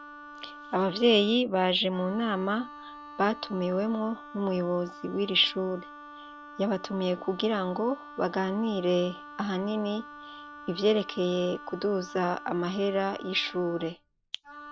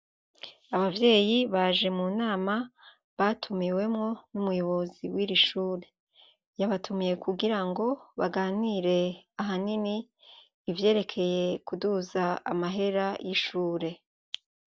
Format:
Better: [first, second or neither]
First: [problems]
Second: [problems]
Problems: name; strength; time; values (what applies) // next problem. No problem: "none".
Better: second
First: background sound (Wind instrument, woodwind instrument); 16 dB below the speech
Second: none